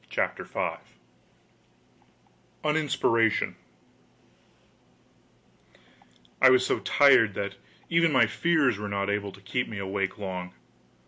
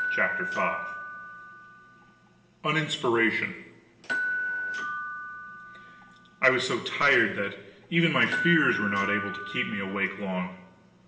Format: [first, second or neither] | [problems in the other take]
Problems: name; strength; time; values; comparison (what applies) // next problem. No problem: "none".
first | background sound (Door / Bell); 6 dB below the speech // room echo; dies away in 1.1 s